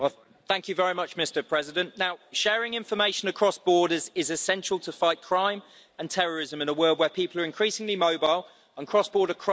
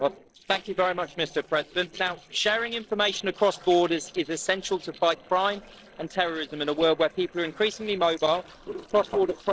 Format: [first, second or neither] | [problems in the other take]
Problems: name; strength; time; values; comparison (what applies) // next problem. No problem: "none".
first | noise reduction (neural separator model SepFormer DNS4)